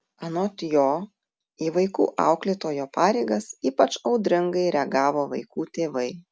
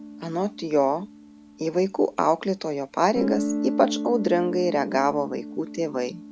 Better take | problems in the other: first | background sound (Guitar); 8 dB below the speech

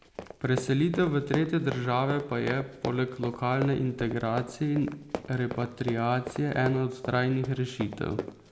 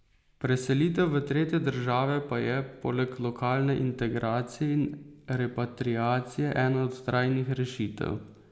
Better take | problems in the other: second | background sound (Run); 11 dB below the speech

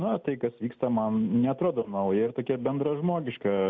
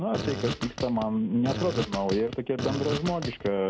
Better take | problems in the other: first | background sound (Fart); 6 dB below the speech

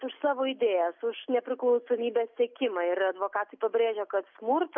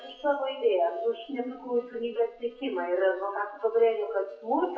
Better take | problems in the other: first | noise reduction (classical method WPE with log-MMSE)

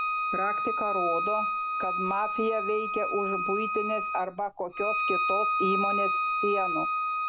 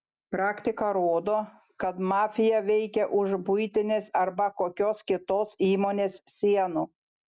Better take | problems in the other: second | background sound (Bowed string instrument); 3 dB above the speech

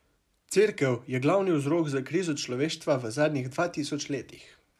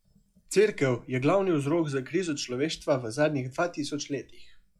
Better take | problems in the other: first | noise reduction (classical method log-MMSE)

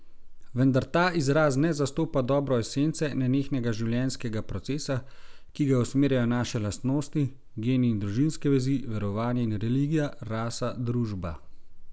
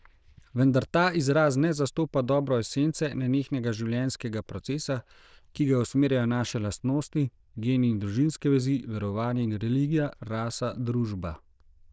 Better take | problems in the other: first | noise reduction (neural diffusion model UNIVERSE++)

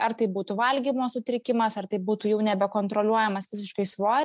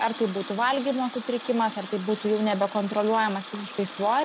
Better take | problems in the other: first | background sound (Water tap, faucet); 14 dB below the speech

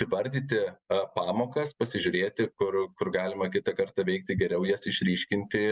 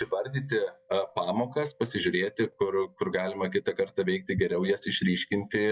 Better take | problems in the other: first | noise reduction (classical method log-MMSE)

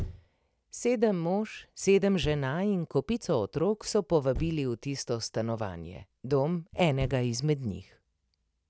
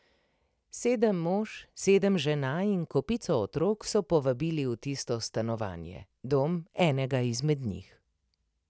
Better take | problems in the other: second | background sound (Thump, thud); 16 dB below the speech

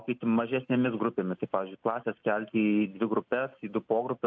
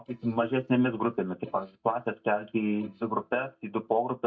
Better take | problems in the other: first | noise reduction (neural mask model DeepFilterNet 3)

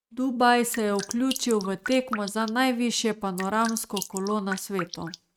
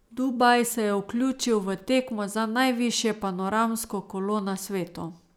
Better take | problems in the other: second | noise reduction (neural mask model RNNoise)

